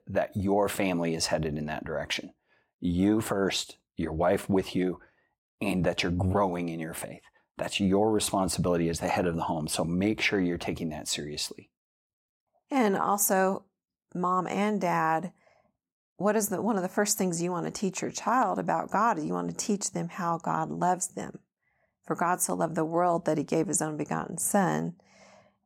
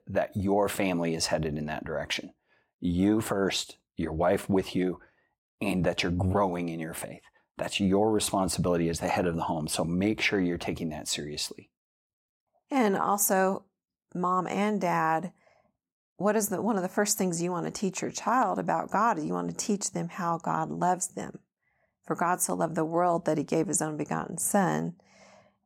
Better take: neither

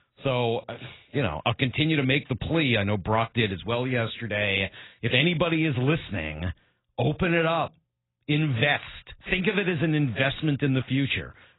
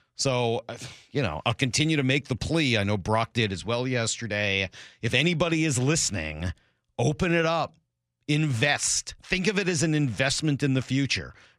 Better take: second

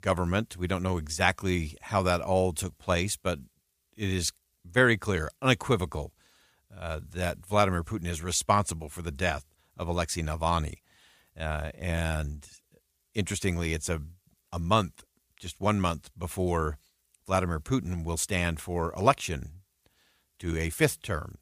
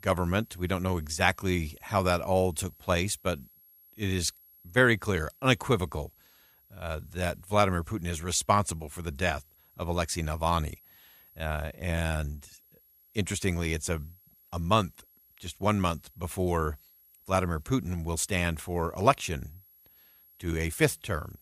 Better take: first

